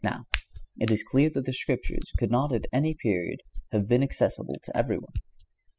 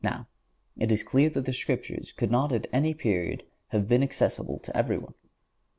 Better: second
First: noise reduction (classical method spectral subtraction)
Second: none

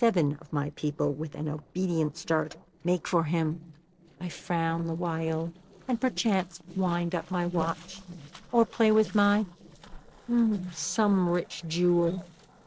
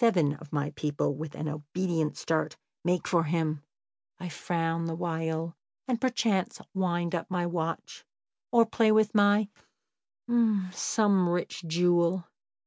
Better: second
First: noise reduction (neural separator model SepFormer DNS4)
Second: none

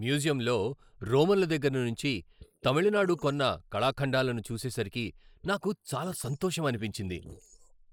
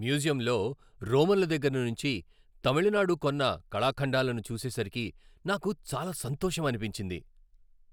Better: second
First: noise reduction (neural mask model Resemble Enhance denoiser)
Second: none

